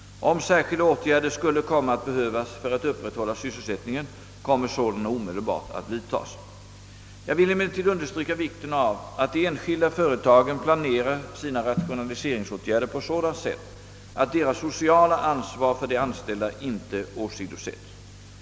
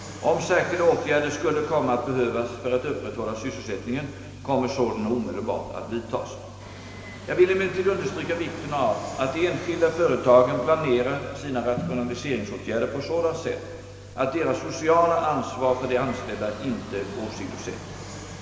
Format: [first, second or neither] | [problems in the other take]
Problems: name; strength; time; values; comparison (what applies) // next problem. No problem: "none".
first | background sound (Fixed-wing aircraft, airplane); 19 dB below the speech // room echo; dies away in 2.1 s